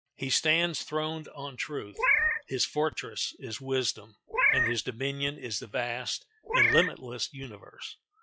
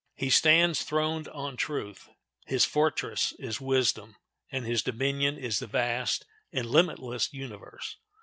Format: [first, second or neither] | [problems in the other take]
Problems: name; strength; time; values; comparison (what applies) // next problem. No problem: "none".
second | noise reduction (classical method log-MMSE)